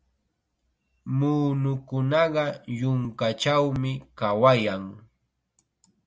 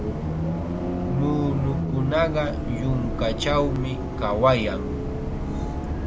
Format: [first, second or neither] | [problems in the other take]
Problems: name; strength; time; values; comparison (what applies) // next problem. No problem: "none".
first | background sound (Bus); 1 dB below the speech